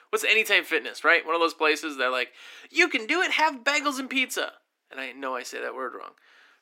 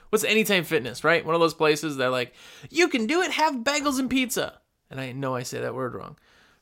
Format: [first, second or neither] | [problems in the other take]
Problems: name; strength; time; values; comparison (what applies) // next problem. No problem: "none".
second | thin; somewhat; fading below 300 Hz